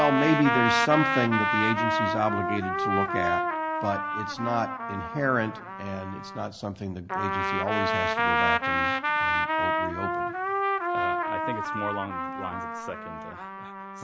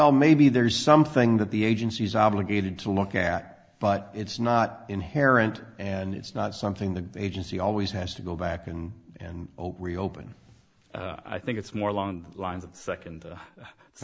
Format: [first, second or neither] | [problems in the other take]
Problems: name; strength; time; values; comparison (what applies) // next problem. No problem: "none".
second | background sound (Trumpet); 2 dB above the speech